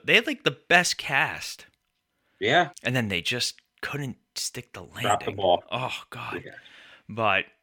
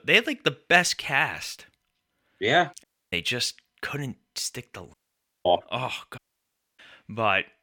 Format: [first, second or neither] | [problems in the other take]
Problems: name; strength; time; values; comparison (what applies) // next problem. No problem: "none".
first | audio cutting out; at 3 s, at 5 s for 0.5 s and at 6 s for 0.5 s